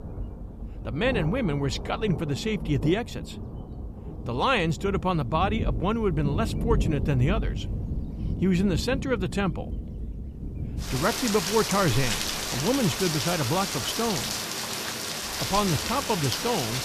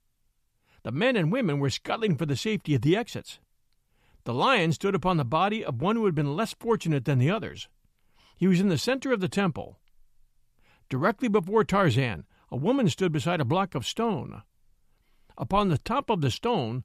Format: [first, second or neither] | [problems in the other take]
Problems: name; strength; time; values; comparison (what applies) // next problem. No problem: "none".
second | rain or running water; loud; throughout; 4 dB below the speech